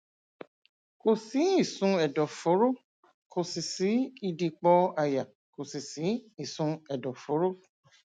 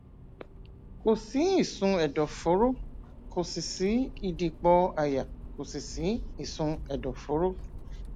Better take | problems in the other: first | background sound (Accelerating, revving, vroom); 12 dB below the speech

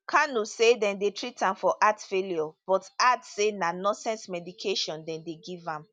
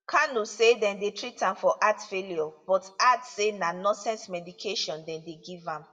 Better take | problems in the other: first | room echo; dies away in 0.6 s

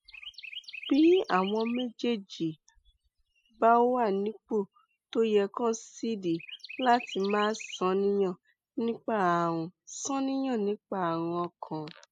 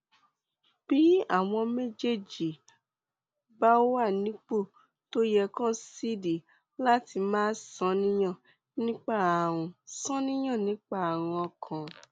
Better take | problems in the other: second | noise reduction (classical method spectral subtraction)

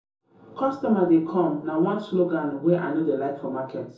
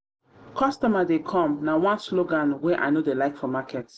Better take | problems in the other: second | room echo; dies away in 0.6 s

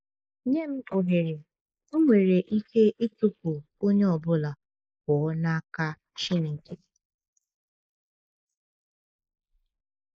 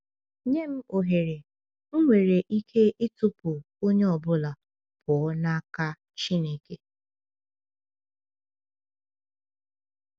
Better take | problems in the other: second | noise reduction (neural mask model Resemble Enhance denoiser)

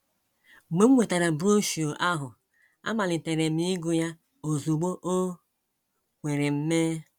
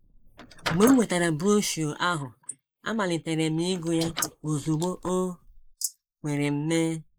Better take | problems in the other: first | noise reduction (neural mask model Resemble Enhance denoiser)

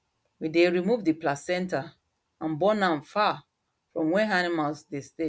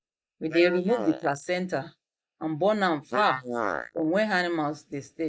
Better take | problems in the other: first | noise reduction (neural mask model Resemble Enhance denoiser)

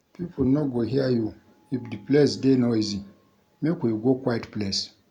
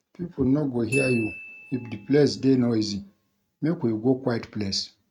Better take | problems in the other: first | noise reduction (neural mask model RNNoise)

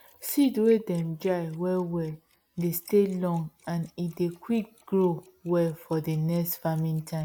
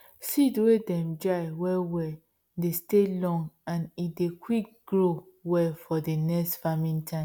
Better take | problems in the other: second | noise reduction (neural mask model Resemble Enhance denoiser)

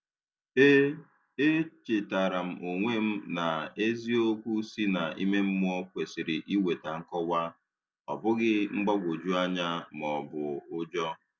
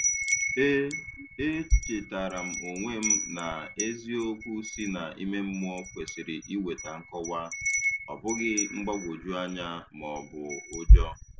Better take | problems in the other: first | background sound (Wind chime); 4 dB above the speech

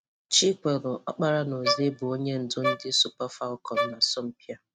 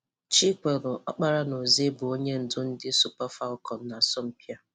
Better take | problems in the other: second | noise reduction (neural mask model RNNoise)

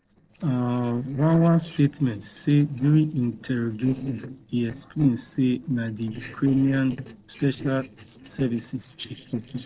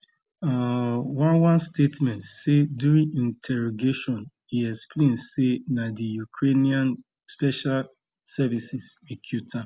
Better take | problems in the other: second | noise reduction (neural separator model SepFormer DNS4)

